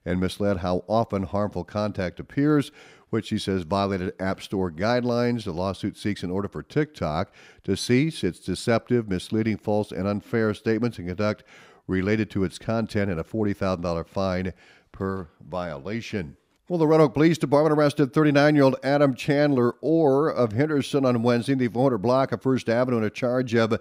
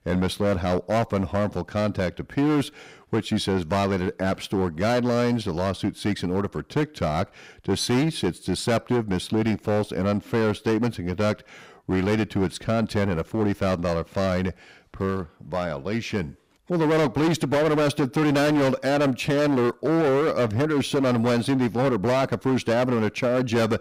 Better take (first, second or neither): first